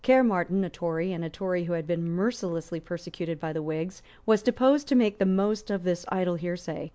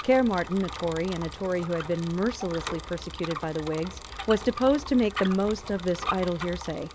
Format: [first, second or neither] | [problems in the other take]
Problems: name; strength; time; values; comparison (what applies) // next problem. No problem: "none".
first | background sound (Bicycle); 11 dB below the speech